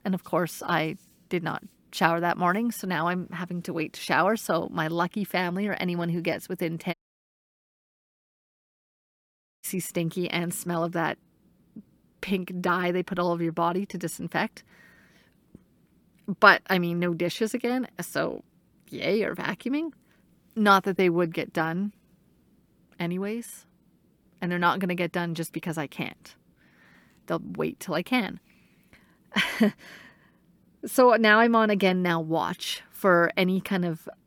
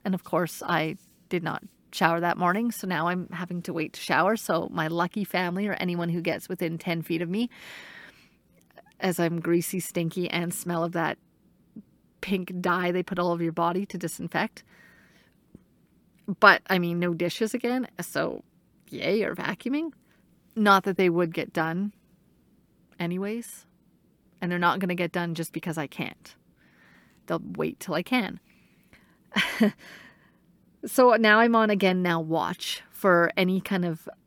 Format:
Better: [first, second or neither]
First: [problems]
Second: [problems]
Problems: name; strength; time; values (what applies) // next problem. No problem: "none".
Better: second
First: audio cutting out; at 7 s for 2.5 s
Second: none